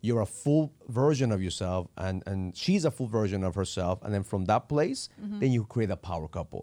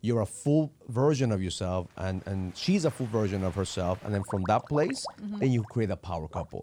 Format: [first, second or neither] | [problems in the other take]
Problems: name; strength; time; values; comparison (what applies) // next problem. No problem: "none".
first | rain or running water; noticeable; throughout; 15 dB below the speech